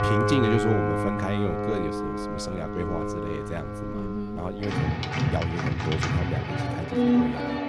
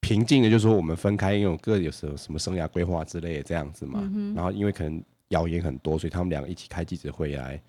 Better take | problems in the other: second | background music; very loud; throughout; 4 dB above the speech

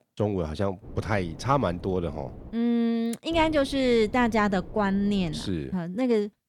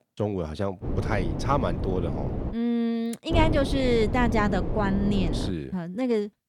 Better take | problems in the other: first | wind noise on the microphone; heavy; from 1 to 2.5 s and from 3.5 to 5.5 s; 8 dB below the speech; occasional gusts in the first

